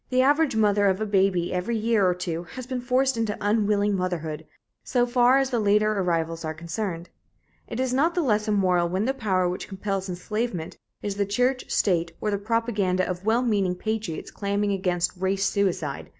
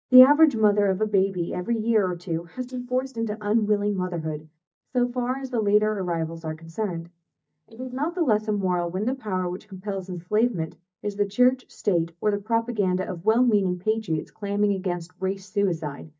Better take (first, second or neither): first